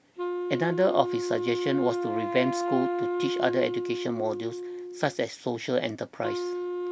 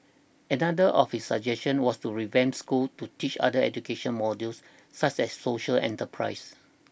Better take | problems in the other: second | background sound (Wind instrument, woodwind instrument); 2 dB below the speech

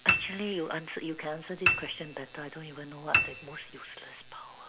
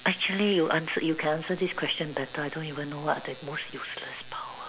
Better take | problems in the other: second | background sound (Piano); 5 dB above the speech

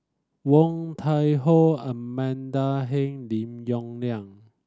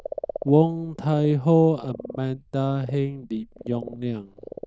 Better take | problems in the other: first | noise reduction (neural diffusion model UNIVERSE++)

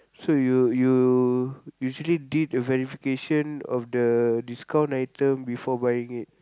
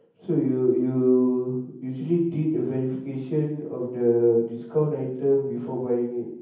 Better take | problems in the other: first | room echo; dies away in 0.9 s

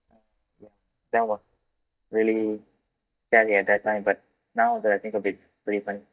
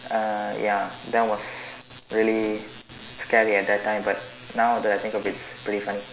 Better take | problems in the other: second | noise reduction (neural mask model DeepFilterNet 3)

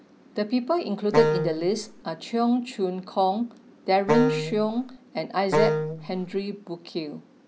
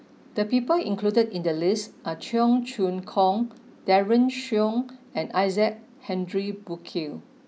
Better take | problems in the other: second | background sound (Wind instrument, woodwind instrument); 1 dB above the speech

